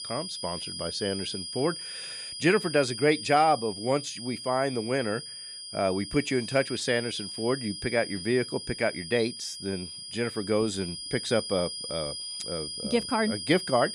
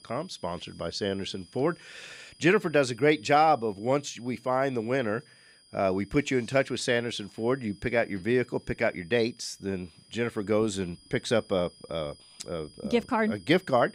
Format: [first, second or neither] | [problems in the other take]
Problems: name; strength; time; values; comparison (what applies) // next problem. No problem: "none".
second | high-pitched whine; loud; throughout; 5 kHz, 7 dB below the speech; faint in the second